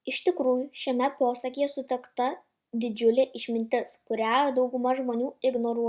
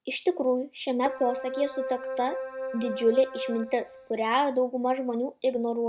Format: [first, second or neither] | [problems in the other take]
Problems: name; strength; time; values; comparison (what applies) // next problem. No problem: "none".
first | background sound (Keyboard (musical)); 8 dB below the speech